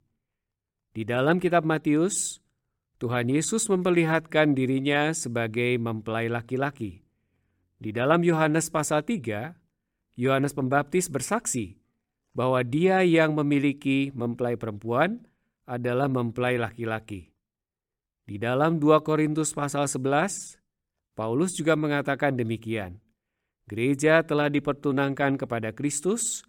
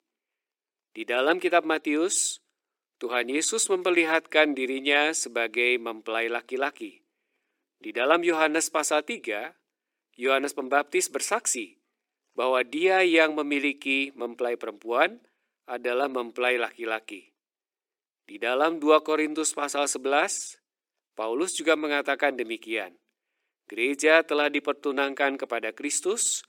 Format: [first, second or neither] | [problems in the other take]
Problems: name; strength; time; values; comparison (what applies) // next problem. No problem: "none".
first | thin; somewhat; fading below 300 Hz